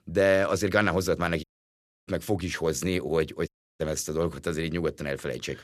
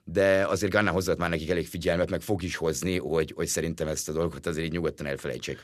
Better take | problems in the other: second | audio cutting out; at 1.5 s for 0.5 s and at 3.5 s

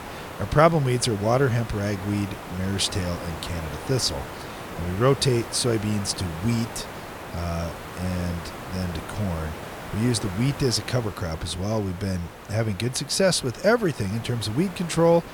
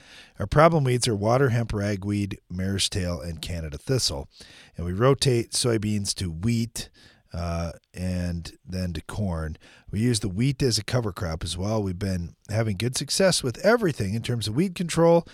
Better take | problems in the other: second | hiss; noticeable; throughout; 10 dB below the speech

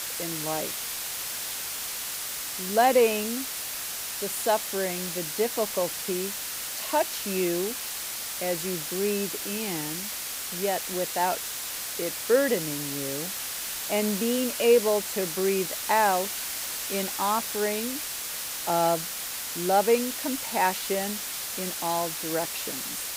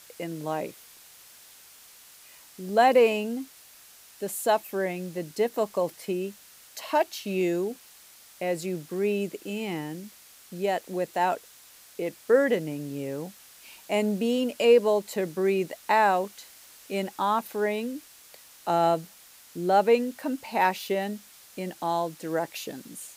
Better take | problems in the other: second | hiss; loud; throughout; 3 dB below the speech; faint in the second

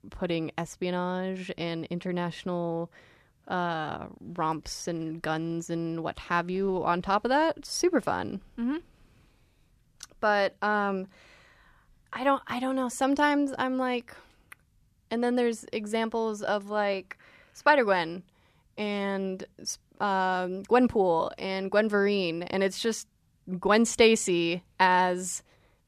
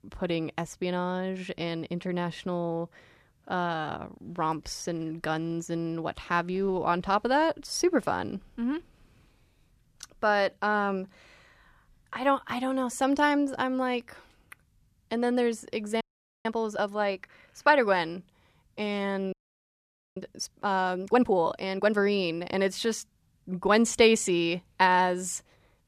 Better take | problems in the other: first | audio freezing; at 16 s and at 19 s for 1 s

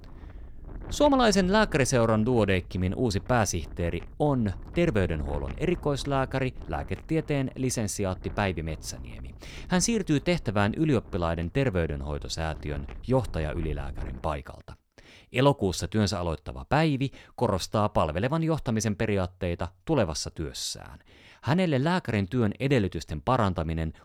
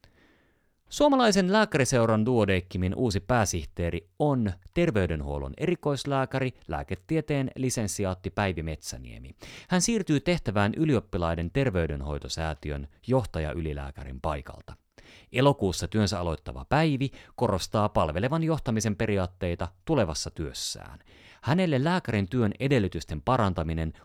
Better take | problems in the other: second | wind noise on the microphone; occasional gusts; until 14 s; 25 dB below the speech

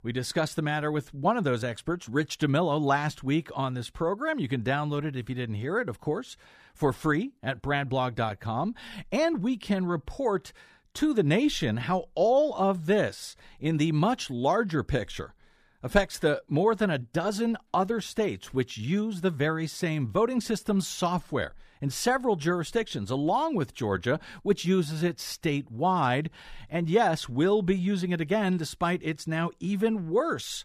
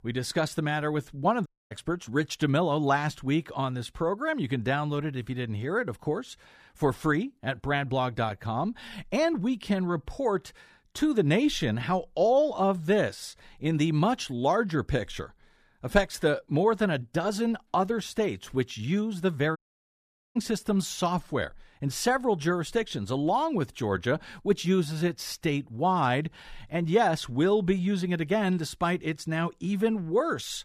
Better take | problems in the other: first | audio cutting out; at 1.5 s and at 20 s for 1 s

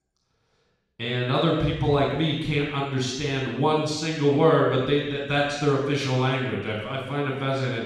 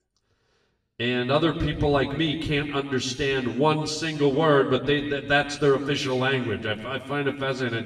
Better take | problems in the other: second | room echo; strong; dies away in 0.9 s; slight in the second // off-mic speech; far; far in the second

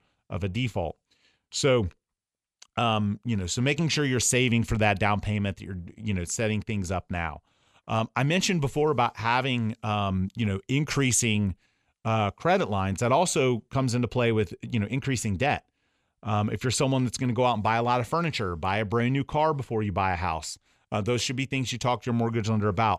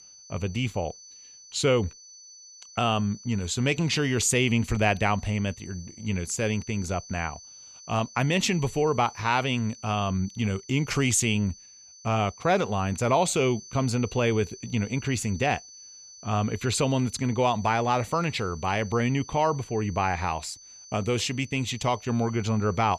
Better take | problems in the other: first | high-pitched whine; noticeable; throughout; 6 kHz, 20 dB below the speech

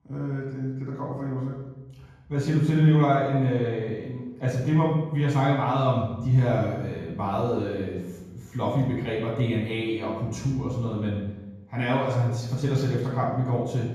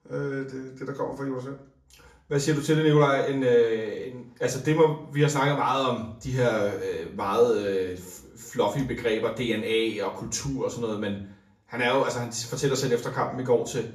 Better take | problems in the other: second | room echo; strong; dies away in 1.3 s; slight in the second // off-mic speech; far; far in the second

